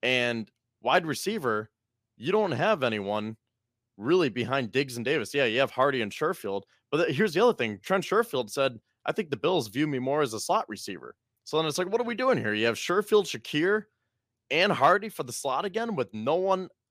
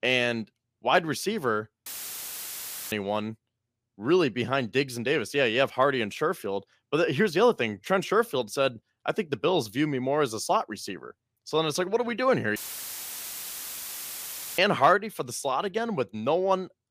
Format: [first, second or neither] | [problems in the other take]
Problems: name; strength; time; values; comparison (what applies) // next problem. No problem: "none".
first | audio cutting out; filled with static; at 2 s for 1 s and at 13 s for 2 s